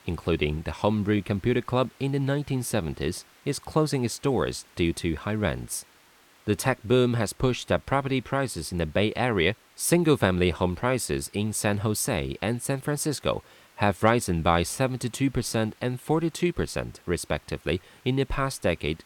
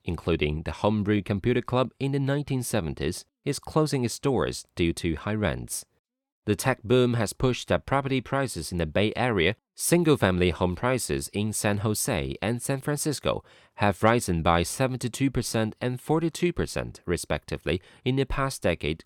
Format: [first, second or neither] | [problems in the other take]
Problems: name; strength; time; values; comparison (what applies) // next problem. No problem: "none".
second | hiss; faint; throughout; 30 dB below the speech